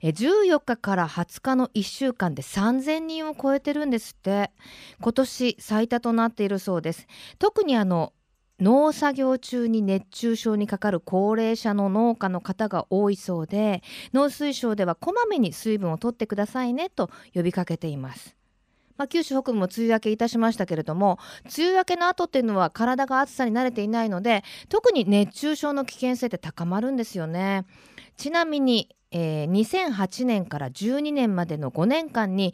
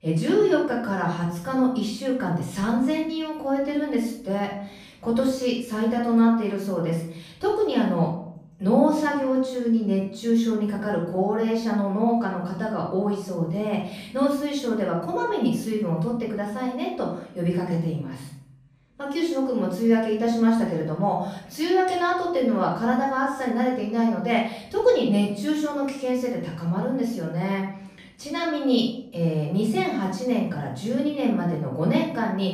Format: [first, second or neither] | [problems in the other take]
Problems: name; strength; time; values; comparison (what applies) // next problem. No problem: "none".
first | off-mic speech; far // room echo; noticeable; dies away in 0.6 s